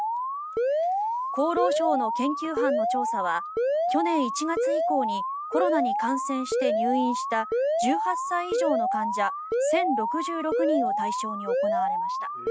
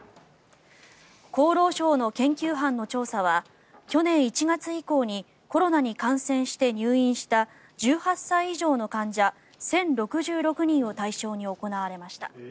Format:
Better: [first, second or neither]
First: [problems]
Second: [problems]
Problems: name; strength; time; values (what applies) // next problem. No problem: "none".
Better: second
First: noise reduction (classical method spectral subtraction)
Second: none